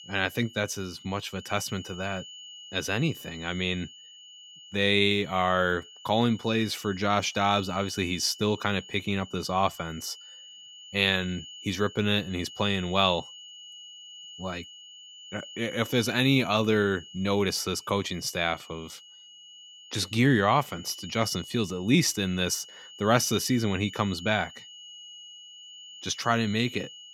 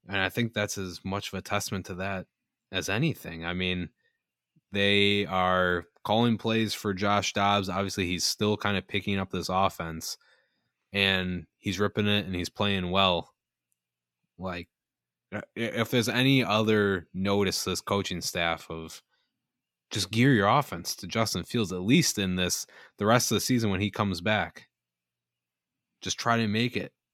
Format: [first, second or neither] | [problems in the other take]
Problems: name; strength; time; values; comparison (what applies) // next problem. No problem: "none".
second | high-pitched whine; noticeable; throughout; 3 kHz, 15 dB below the speech